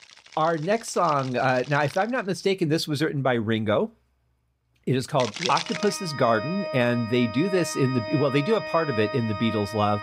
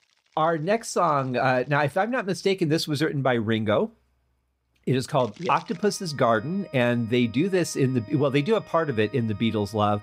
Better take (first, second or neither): second